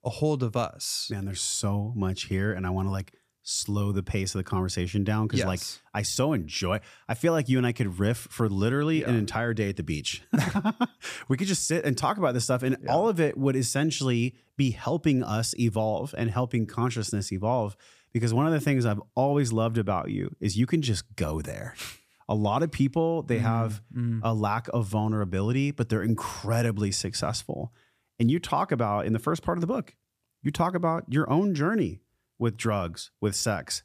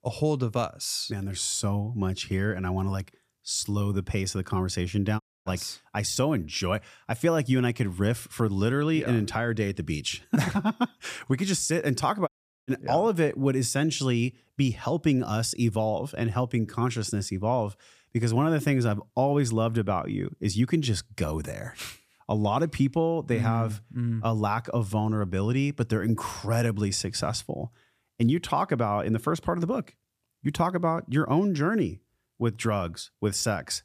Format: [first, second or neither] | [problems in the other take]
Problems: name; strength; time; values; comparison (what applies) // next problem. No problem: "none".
first | audio cutting out; at 5 s and at 12 s